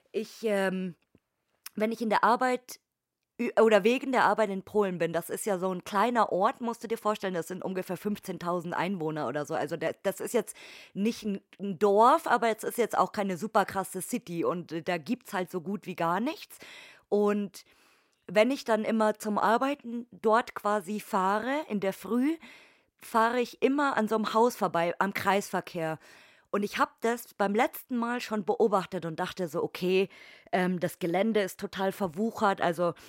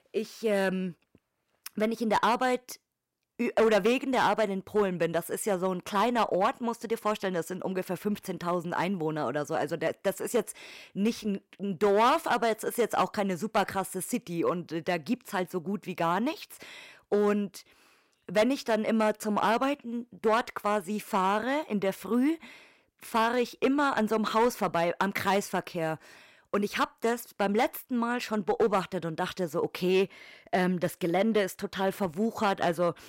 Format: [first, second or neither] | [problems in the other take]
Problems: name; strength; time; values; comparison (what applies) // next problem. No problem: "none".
first | distortion; slight; 3% of the sound clipped